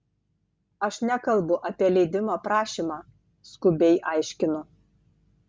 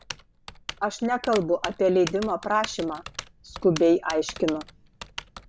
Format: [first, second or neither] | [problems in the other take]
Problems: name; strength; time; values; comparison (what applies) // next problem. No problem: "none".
first | background sound (Typing); 14 dB below the speech